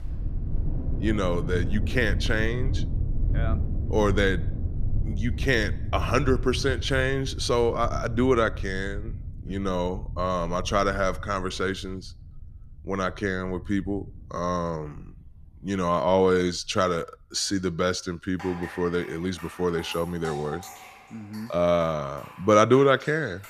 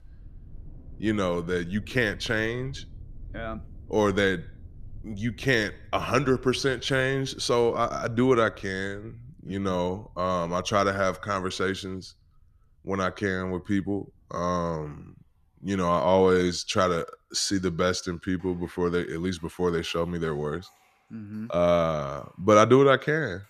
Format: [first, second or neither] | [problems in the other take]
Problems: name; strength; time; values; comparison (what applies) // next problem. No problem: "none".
second | rain or running water; loud; throughout; 7 dB below the speech; faint in the second